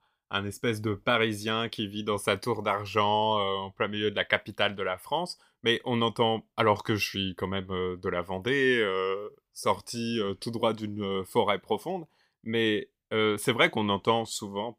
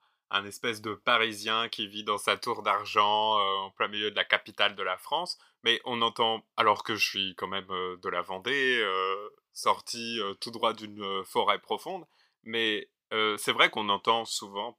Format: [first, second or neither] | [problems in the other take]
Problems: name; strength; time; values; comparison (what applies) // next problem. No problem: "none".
first | thin; somewhat; fading below 950 Hz